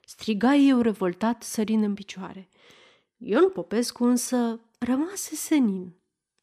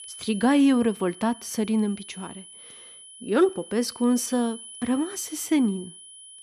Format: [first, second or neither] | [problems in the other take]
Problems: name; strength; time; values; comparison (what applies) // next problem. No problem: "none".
first | high-pitched whine; noticeable; throughout; 10 kHz, 15 dB below the speech